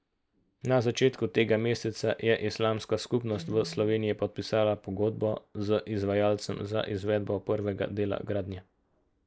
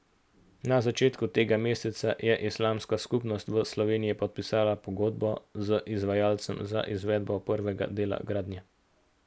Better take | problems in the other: second | noise reduction (neural mask model DeepFilterNet 3)

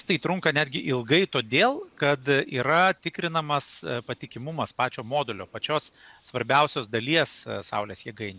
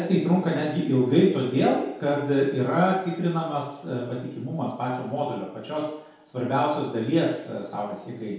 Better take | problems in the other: first | room echo; dies away in 0.8 s

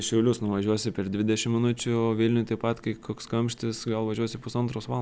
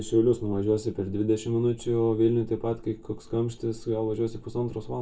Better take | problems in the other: first | room echo; dies away in 0.2 s

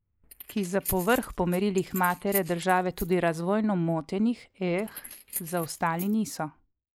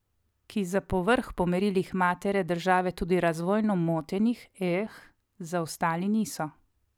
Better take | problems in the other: second | noise reduction (neural mask model Resemble Enhance denoiser)

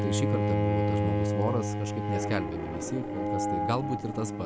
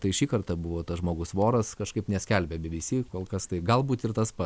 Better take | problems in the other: second | background sound (Bowed string instrument); 5 dB above the speech

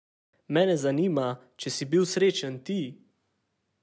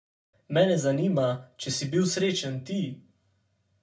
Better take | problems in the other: first | room echo; dies away in 0.2 s

